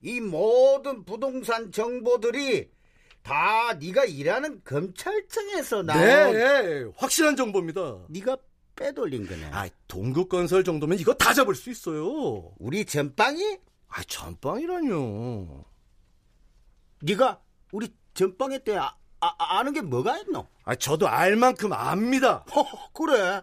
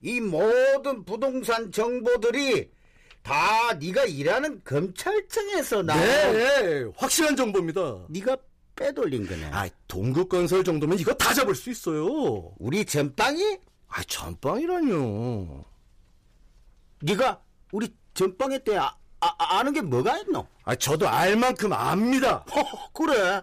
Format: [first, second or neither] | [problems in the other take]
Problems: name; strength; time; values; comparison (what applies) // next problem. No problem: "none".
first | distortion; heavy; 9% of the sound clipped